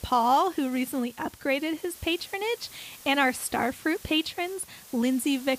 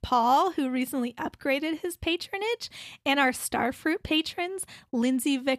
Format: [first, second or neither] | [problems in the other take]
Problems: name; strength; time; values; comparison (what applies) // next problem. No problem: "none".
second | hiss; noticeable; throughout; 20 dB below the speech